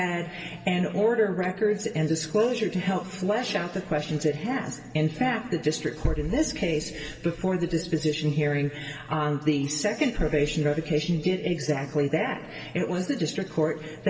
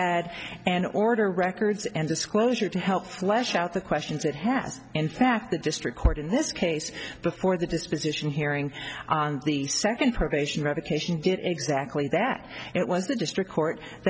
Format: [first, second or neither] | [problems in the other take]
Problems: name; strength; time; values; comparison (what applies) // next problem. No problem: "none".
second | room echo; dies away in 2.7 s